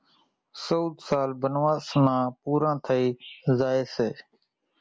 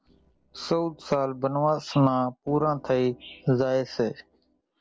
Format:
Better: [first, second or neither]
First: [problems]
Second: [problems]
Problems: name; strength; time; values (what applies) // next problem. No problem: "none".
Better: first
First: none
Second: noise reduction (neural separator model SepFormer DNS4)